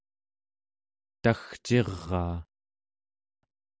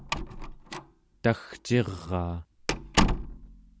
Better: first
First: none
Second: background sound (Slam); 1 dB above the speech

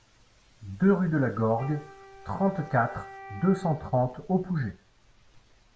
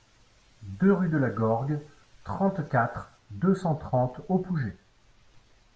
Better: second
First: background sound (Wind instrument, woodwind instrument); 18 dB below the speech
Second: none

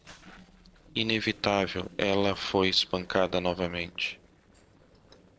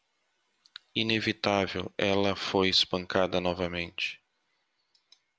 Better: second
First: noise reduction (neural separator model SepFormer DNS4)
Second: none

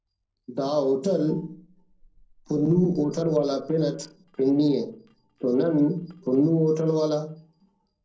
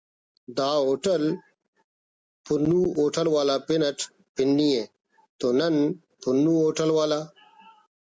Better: second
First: noise reduction (neural separator model SepFormer DNS4)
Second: none

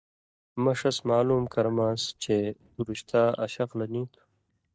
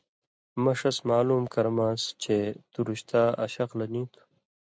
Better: second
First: noise reduction (neural mask model DeepFilterNet 3)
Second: none

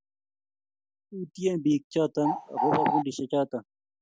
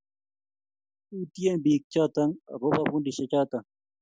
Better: second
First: background sound (Bird); 2 dB above the speech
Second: none

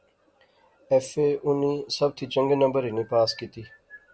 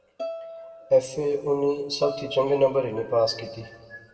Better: first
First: none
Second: background sound (Bowed string instrument); 14 dB below the speech // room echo; dies away in 1.4 s

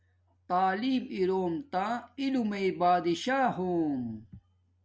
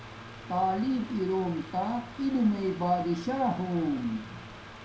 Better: first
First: none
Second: background sound (Mechanical fan); 15 dB below the speech // room echo; dies away in 0.5 s

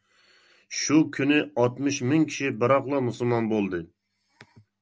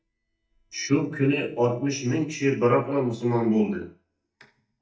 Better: first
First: none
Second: noise reduction (neural mask model DeepFilterNet 3)

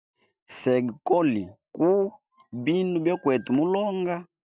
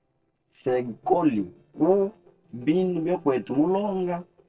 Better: first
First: none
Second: noise reduction (neural separator model SepFormer DNS4)

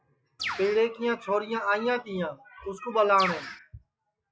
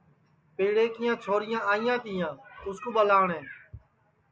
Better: second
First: noise reduction (classical method log-MMSE)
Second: none

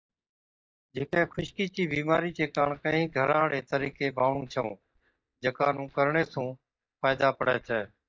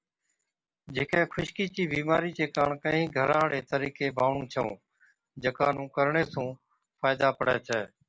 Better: second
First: noise reduction (neural mask model DeepFilterNet 3)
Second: none

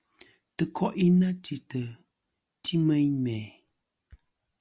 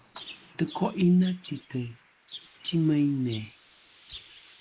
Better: first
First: none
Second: noise reduction (neural mask model Resemble Enhance denoiser)

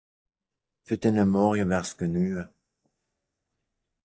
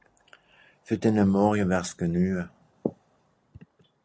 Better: second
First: noise reduction (neural mask model DeepFilterNet 3)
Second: none

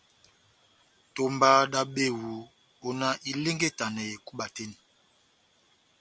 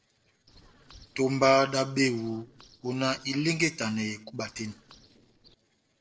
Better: first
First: none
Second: noise reduction (neural separator model SepFormer DNS4)

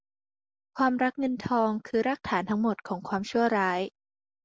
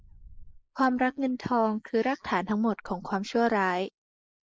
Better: first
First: none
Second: noise reduction (neural mask model Resemble Enhance denoiser)

